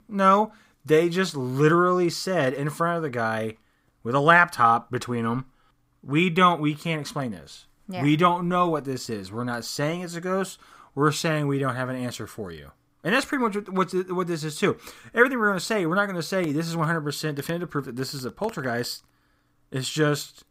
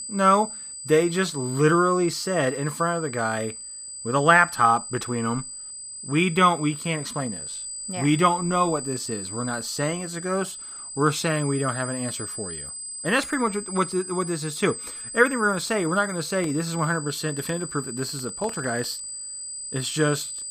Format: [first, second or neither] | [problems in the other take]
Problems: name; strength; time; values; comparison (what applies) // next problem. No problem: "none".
first | high-pitched whine; loud; throughout; 8 kHz, 9 dB below the speech